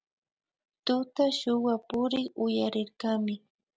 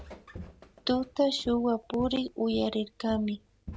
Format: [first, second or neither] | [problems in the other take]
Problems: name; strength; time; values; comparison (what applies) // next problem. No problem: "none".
first | background sound (Walk, footsteps); 17 dB below the speech